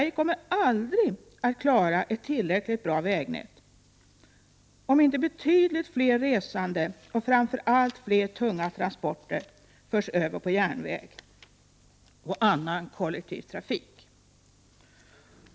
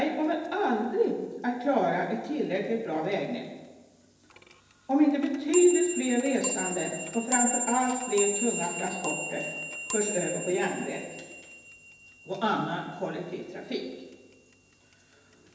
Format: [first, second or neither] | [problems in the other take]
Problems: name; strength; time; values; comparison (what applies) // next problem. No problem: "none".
first | background sound (Clock); 7 dB below the speech // room echo; dies away in 1 s